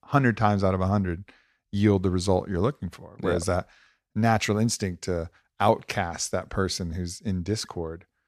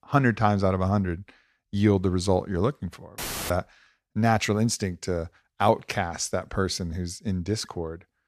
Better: first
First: none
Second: audio cutting out; filled with static; at 3 s

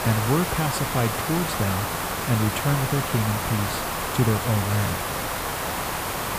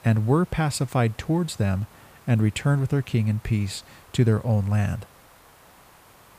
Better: second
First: hiss; loud; throughout; 1 dB below the speech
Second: hiss; faint; throughout; 25 dB below the speech

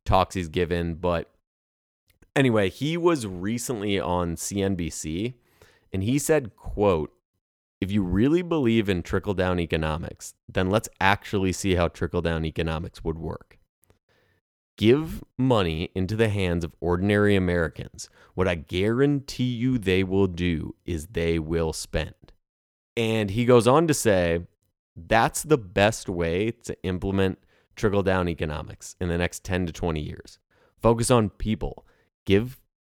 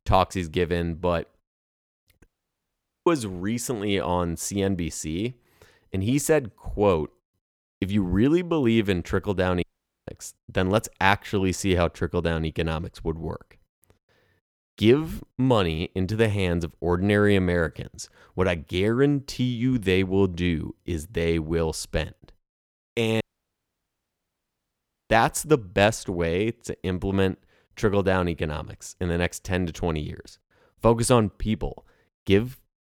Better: first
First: none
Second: audio cutting out; at 2.5 s for 1 s, at 9.5 s and at 23 s for 2 s

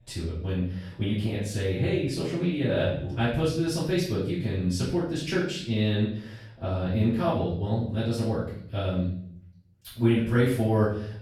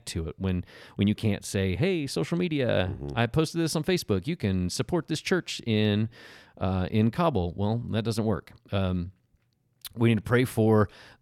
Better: second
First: off-mic speech; far // room echo; noticeable; dies away in 0.6 s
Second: none

